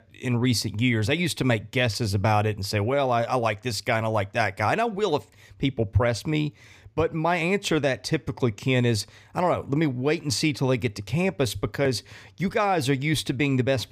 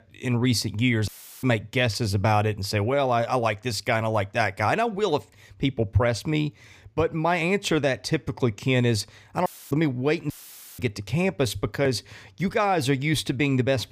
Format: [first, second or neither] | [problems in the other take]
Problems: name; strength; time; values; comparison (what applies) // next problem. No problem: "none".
first | audio cutting out; filled with static; at 1 s, at 9.5 s and at 10 s